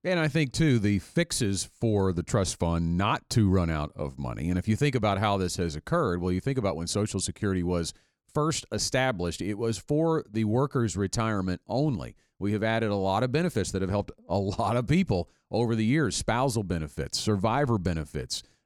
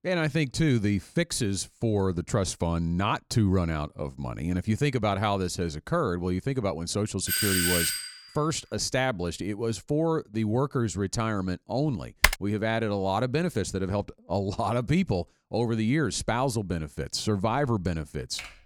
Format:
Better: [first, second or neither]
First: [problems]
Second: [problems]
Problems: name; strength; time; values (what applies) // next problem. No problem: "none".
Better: first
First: none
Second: doorbell; loud; at 7.5 s; peak 5 dB above the speech // keyboard typing; loud; at 12 s; peak 5 dB above the speech // keyboard typing; very faint; at 18 s; peak 15 dB below the speech